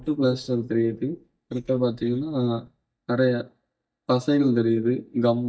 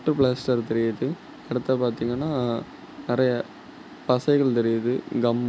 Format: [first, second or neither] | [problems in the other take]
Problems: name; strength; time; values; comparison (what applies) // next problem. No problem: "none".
second | noise reduction (neural mask model DeepFilterNet 3)